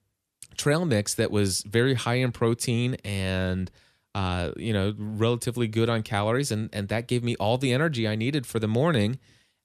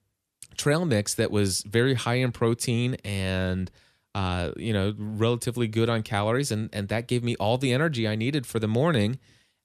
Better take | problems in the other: neither | none

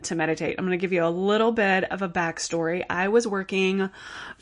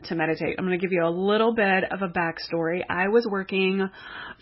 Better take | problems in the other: first | garbled, watery; badly; nothing above 5.5 kHz; slightly in the first

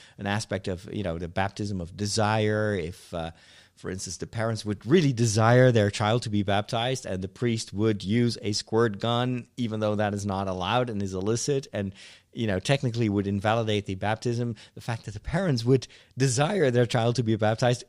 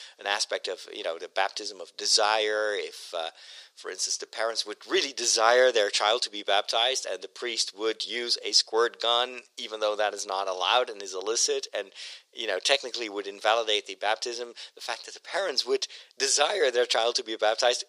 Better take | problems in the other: first | thin; very; fading below 400 Hz

